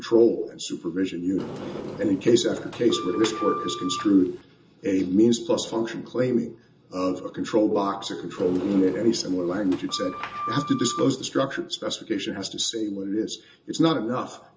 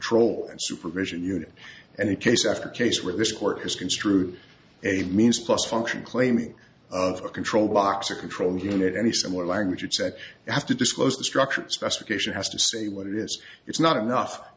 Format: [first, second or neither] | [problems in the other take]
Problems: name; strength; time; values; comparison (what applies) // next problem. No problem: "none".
second | background sound (Sliding door); 10 dB below the speech // room echo; dies away in 0.2 s